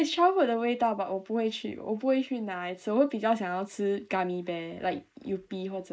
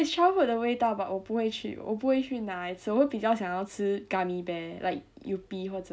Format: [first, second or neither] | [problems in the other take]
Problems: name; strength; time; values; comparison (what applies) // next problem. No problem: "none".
second | noise reduction (neural mask model Resemble Enhance denoiser)